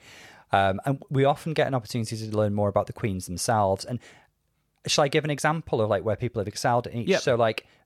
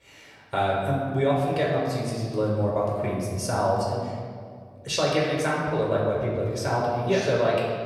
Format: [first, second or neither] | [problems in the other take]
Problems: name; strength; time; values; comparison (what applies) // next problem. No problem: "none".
first | off-mic speech; far // room echo; noticeable; dies away in 1.8 s